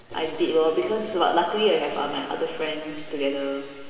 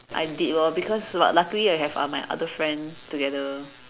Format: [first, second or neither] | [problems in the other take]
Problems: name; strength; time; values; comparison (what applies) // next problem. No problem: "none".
second | room echo; dies away in 2.3 s